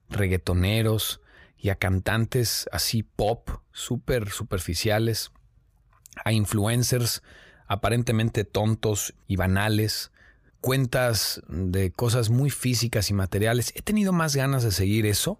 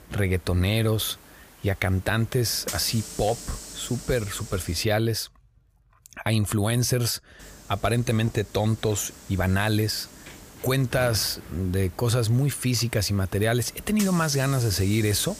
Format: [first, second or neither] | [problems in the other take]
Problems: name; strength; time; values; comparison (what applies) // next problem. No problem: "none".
first | hiss; noticeable; until 5 s and from 7.5 s on; 15 dB below the speech